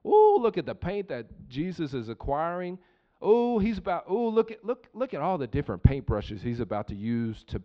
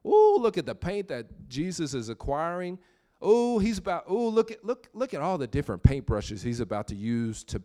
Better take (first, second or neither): second